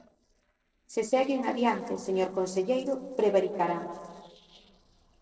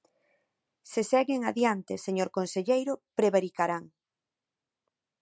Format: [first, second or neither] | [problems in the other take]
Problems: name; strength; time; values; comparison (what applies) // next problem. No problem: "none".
second | noise reduction (neural separator model SepFormer DNS4)